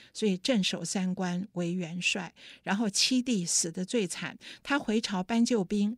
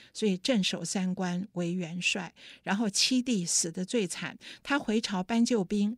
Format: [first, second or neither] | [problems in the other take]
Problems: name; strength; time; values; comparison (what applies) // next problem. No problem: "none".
neither | none